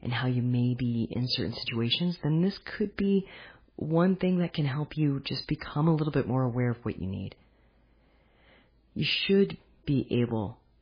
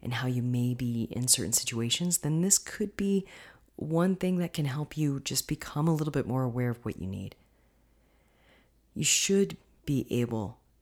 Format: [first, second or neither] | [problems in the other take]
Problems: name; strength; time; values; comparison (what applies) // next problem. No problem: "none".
second | garbled, watery; badly; nothing above 5 kHz